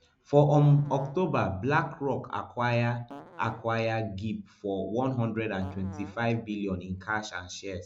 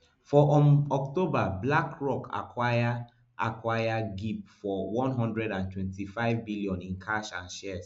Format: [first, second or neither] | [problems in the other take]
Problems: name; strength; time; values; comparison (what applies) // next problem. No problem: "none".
second | background sound (Fart); 19 dB below the speech